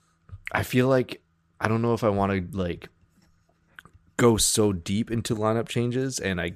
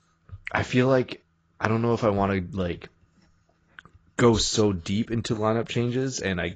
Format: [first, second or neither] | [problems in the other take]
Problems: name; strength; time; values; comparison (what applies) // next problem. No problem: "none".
first | garbled, watery; badly; nothing above 7.5 kHz